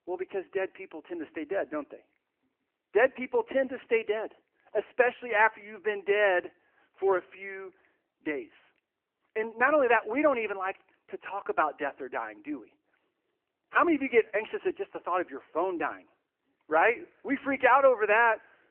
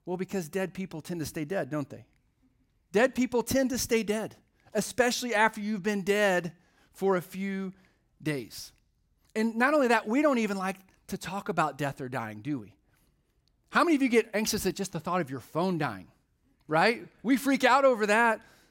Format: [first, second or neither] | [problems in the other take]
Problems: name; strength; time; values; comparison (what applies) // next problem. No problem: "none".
second | phone-call audio; nothing above 3 kHz